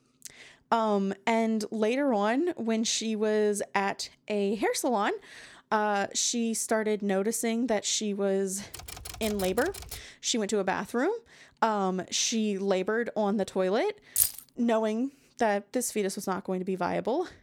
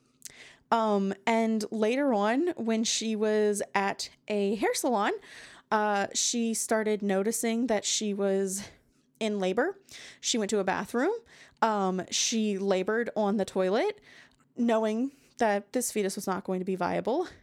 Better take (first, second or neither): second